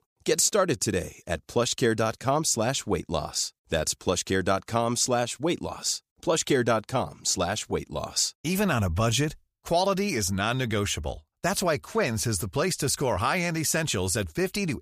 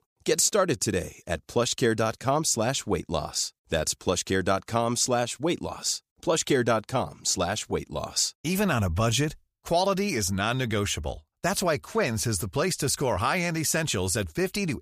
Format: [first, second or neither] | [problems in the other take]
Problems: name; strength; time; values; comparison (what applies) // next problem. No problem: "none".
neither | none